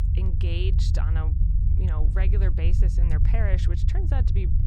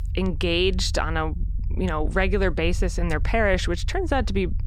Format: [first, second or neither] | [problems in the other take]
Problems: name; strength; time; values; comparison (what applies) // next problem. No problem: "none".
second | low rumble; loud; throughout; 3 dB below the speech; faint in the second